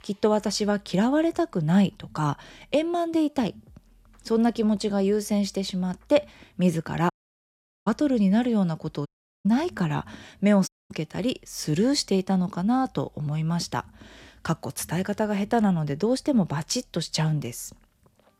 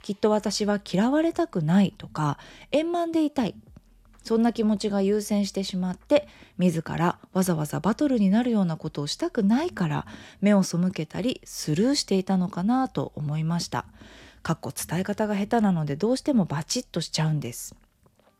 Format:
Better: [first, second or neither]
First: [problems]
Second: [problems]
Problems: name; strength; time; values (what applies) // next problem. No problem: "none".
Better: second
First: audio cutting out; at 7 s for 1 s, at 9 s and at 11 s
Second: none